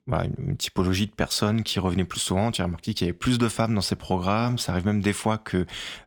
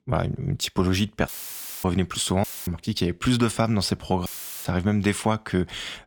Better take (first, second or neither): first